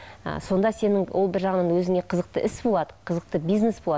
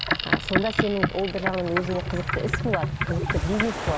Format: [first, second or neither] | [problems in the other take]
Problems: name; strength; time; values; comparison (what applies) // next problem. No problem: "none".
first | background sound (Boat, Water vehicle); 1 dB above the speech